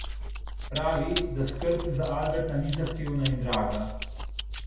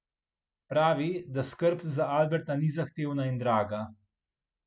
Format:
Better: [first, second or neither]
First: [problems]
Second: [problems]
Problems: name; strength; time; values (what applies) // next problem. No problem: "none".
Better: second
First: background sound (Chewing, mastication); 5 dB below the speech // room echo; dies away in 0.8 s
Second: none